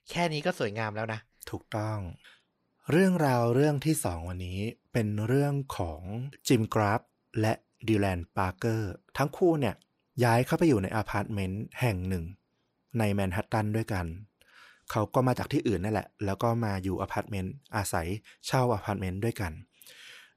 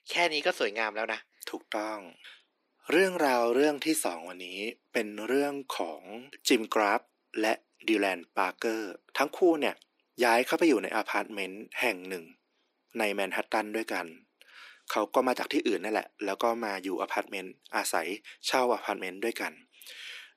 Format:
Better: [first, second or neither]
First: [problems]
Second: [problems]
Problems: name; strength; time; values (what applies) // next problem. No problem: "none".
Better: first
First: none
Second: thin; somewhat; fading below 250 Hz